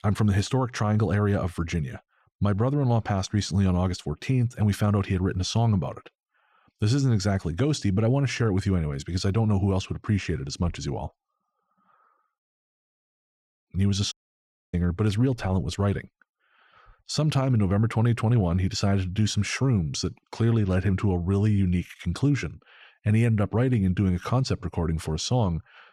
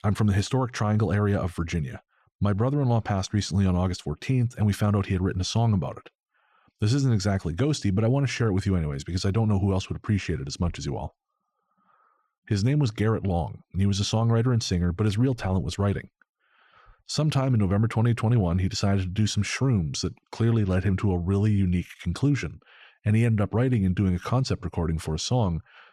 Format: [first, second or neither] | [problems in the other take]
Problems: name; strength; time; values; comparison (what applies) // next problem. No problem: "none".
second | audio cutting out; at 12 s for 1 s and at 14 s for 0.5 s